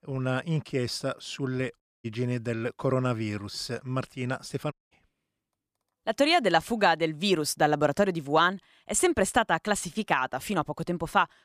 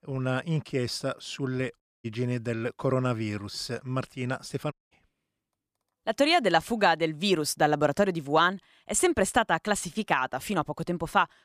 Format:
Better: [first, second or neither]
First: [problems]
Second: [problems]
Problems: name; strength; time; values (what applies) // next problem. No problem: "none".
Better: neither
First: audio cutting out; at 2 s and at 4.5 s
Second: audio cutting out; at 2 s and at 4.5 s